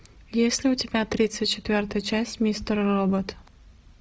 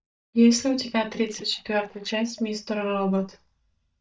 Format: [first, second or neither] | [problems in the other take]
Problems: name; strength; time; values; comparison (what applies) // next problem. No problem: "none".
first | noise reduction (neural mask model DeepFilterNet 3)